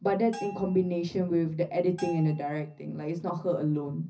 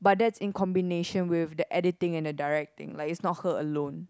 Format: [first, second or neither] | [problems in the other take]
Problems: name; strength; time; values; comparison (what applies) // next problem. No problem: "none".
second | background sound (Bell); 18 dB below the speech // room echo; dies away in 0.4 s